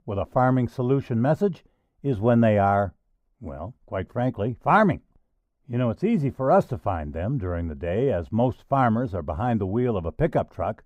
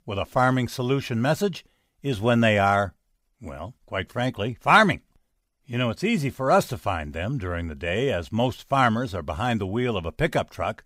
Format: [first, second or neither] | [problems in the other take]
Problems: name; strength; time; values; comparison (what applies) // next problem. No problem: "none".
second | muffled; very; fading above 1.5 kHz